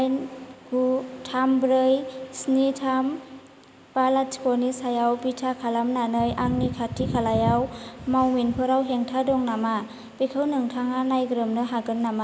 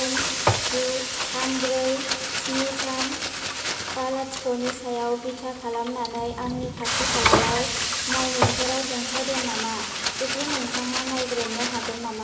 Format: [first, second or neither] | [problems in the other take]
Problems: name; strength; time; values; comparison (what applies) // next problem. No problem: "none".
first | background sound (Frying (food)); 2 dB above the speech // room echo; dies away in 0.8 s